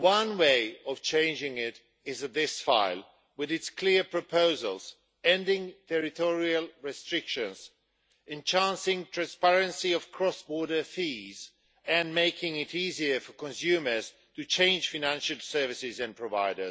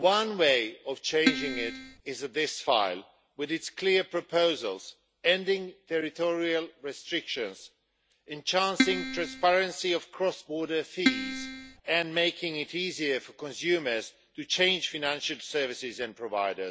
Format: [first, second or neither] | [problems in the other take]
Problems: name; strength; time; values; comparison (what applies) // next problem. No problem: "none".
first | background sound (Keyboard (musical)); as loud as the speech